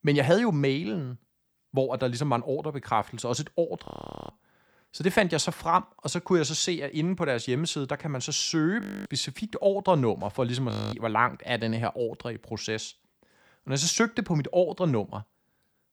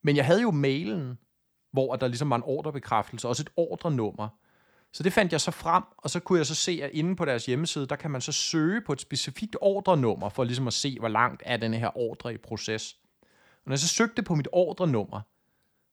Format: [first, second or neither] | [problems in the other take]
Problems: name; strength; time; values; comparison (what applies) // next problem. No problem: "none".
second | audio freezing; at 4 s, at 9 s and at 11 s